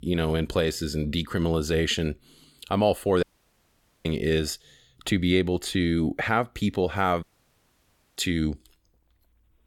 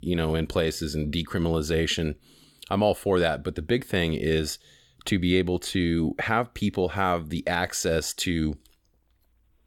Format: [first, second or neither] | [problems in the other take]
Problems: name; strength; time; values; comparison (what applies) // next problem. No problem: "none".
second | audio cutting out; at 3 s for 1 s and at 7 s for 1 s